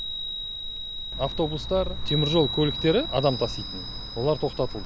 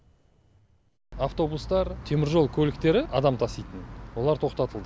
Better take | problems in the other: second | background sound (Chime); 6 dB below the speech

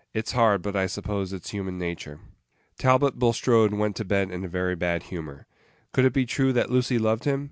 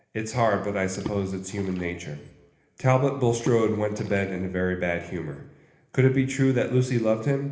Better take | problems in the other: first | background sound (Water / Splash, splatter); 17 dB below the speech // room echo; dies away in 1 s

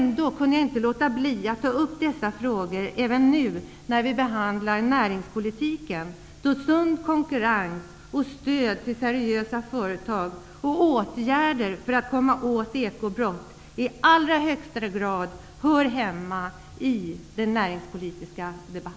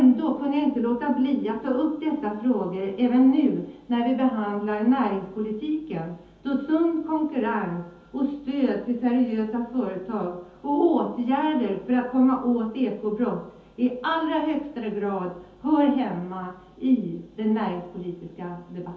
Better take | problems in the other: first | room echo; dies away in 0.5 s

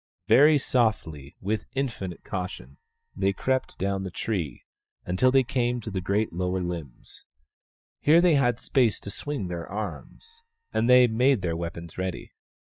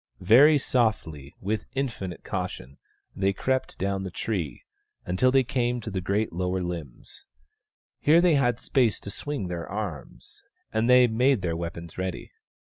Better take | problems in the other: second | noise reduction (neural mask model DeepFilterNet 3)

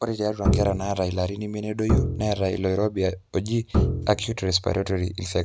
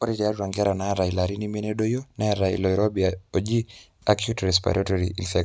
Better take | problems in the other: second | background sound (Bowed string instrument); 1 dB below the speech

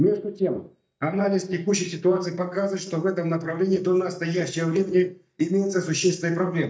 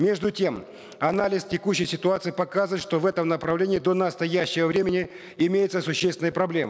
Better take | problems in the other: second | noise reduction (neural mask model DeepFilterNet 3)

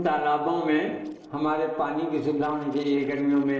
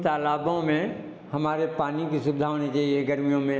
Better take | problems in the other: second | noise reduction (neural separator model SepFormer DNS4)

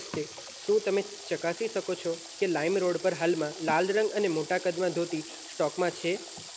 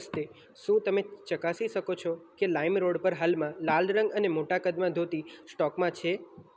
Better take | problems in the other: second | background sound (Water tap, faucet / Water); 14 dB below the speech

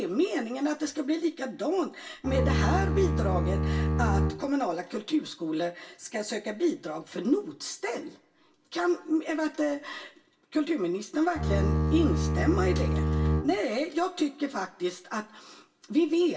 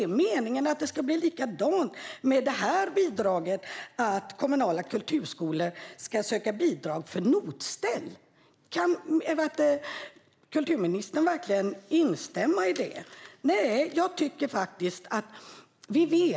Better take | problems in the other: second | background sound (Bowed string instrument); 3 dB above the speech // room echo; dies away in 0.1 s

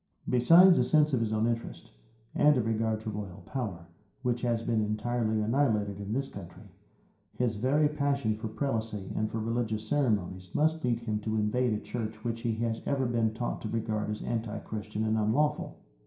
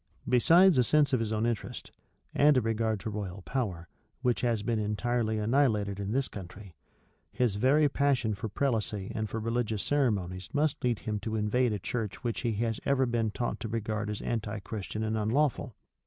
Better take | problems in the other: second | room echo; dies away in 0.5 s

